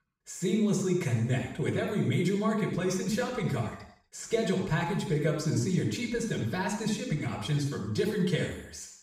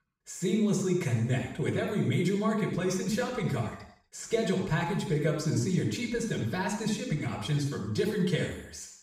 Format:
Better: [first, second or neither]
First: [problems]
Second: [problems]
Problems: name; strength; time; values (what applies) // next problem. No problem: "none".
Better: neither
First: room echo; noticeable; dies away in 0.7 s // off-mic speech; far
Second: room echo; noticeable; dies away in 0.7 s // off-mic speech; far